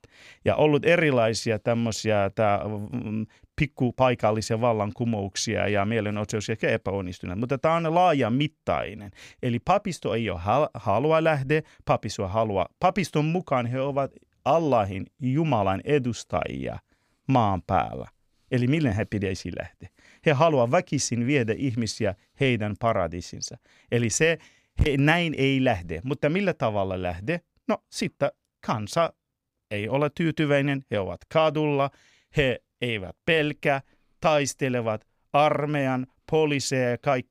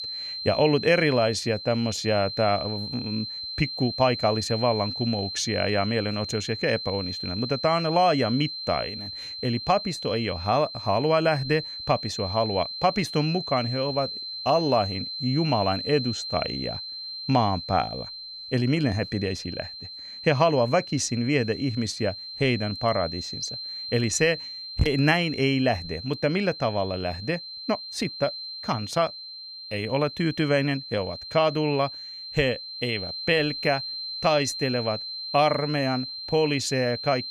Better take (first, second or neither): first